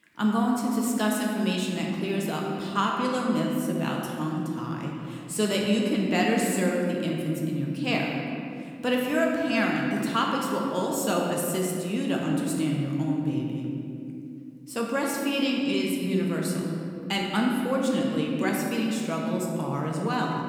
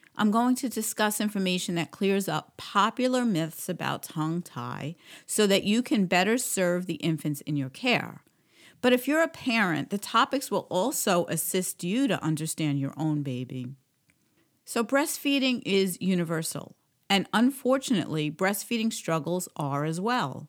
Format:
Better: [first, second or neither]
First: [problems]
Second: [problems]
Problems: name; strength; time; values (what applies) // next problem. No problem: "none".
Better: second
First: room echo; noticeable; dies away in 2.4 s // off-mic speech; somewhat distant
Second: none